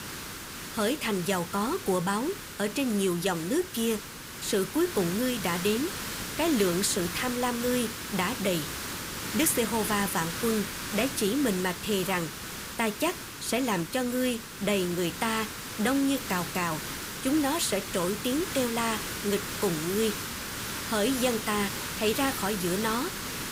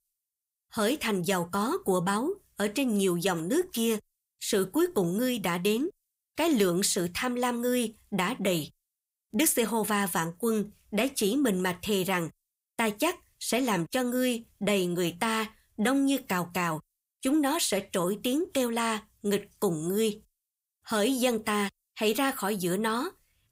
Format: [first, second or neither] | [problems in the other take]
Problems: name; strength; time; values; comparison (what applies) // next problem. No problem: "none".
second | hiss; loud; throughout; 6 dB below the speech